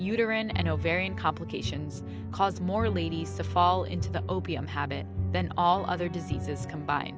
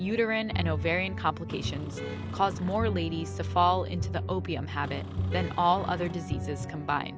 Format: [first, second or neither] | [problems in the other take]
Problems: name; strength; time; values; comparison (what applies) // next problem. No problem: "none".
first | background sound (Vehicle horn, car horn, honking); 12 dB below the speech